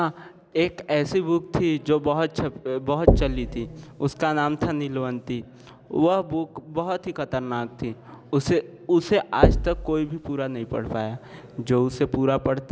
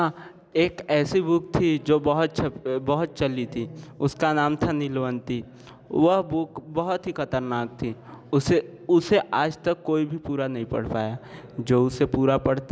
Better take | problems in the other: second | background sound (Knock / Wood); 1 dB below the speech

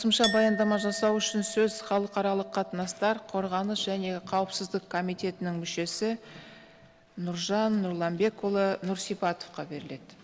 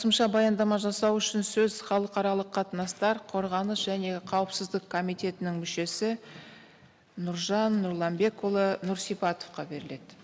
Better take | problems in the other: second | background sound (Chink, clink); 14 dB below the speech

